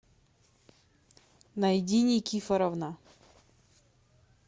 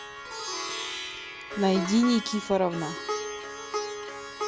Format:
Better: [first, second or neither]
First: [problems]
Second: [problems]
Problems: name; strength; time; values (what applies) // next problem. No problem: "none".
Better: first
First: none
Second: background sound (Plucked string instrument); 5 dB below the speech